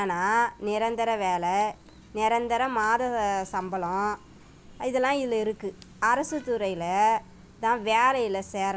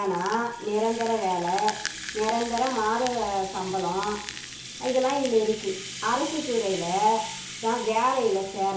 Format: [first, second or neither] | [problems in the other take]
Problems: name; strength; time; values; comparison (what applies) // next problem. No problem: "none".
first | background sound (Rattle (instrument)); 11 dB below the speech // room echo; dies away in 0.7 s